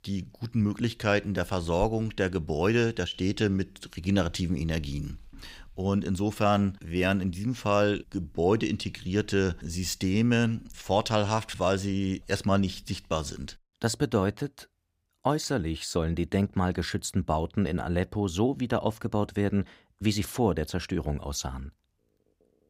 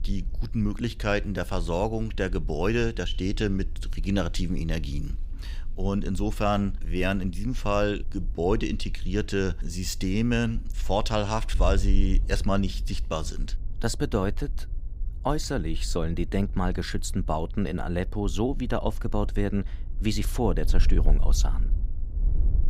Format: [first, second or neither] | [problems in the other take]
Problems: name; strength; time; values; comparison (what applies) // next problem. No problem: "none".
first | wind noise on the microphone; occasional gusts; 25 dB below the speech